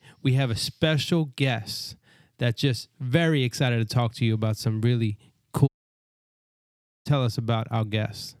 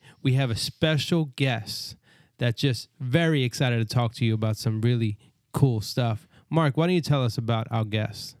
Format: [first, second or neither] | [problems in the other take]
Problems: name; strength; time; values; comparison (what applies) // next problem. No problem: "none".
second | audio cutting out; at 5.5 s for 1.5 s